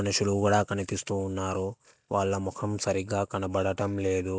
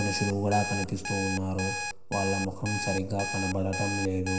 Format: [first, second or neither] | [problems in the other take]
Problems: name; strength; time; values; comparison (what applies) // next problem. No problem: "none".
first | background sound (Alarm); 5 dB below the speech // room echo; dies away in 0.9 s